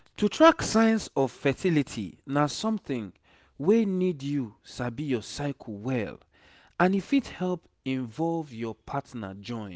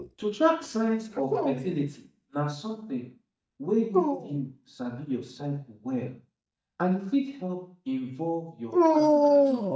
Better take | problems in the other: first | noise reduction (neural mask model DeepFilterNet 3)

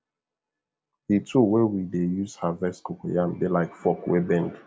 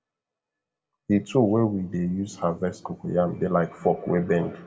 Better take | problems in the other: first | room echo; dies away in 1.5 s

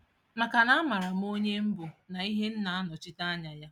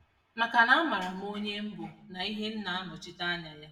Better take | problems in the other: first | room echo; dies away in 0.7 s

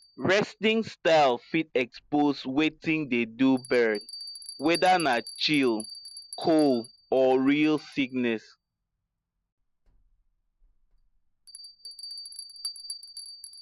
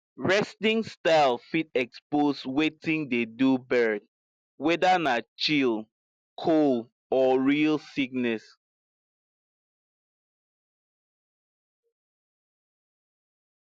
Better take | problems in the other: second | background sound (Bell); 18 dB below the speech

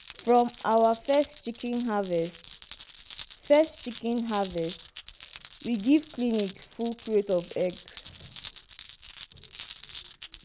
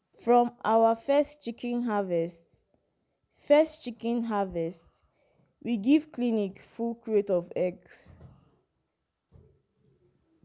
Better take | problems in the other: second | background sound (Glass); 19 dB below the speech

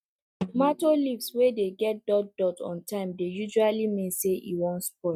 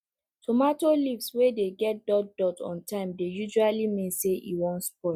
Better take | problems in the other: second | noise reduction (neural mask model RNNoise)

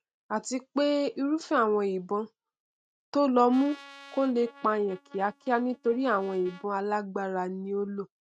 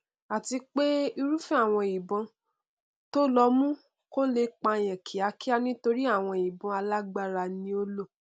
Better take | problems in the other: second | noise reduction (neural mask model RNNoise)

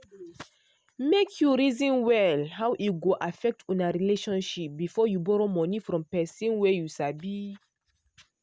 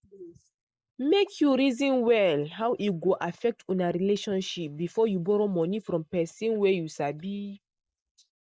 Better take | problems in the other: first | noise reduction (neural mask model Resemble Enhance denoiser)

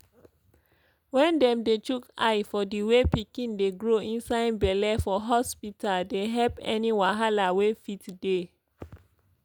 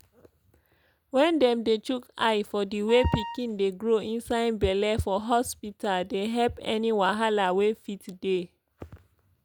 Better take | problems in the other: first | background sound (Wind instrument, woodwind instrument); 11 dB below the speech

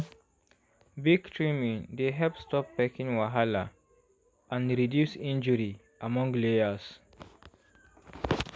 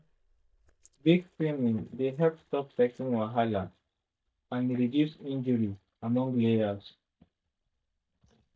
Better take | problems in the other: first | noise reduction (neural mask model DeepFilterNet 3)

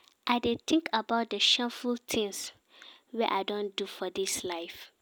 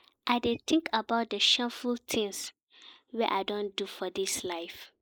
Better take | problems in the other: first | noise reduction (neural mask model Resemble Enhance denoiser)

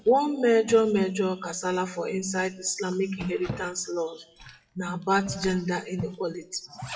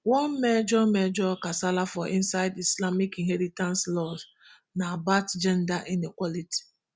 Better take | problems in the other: second | noise reduction (classical method WPE with log-MMSE)

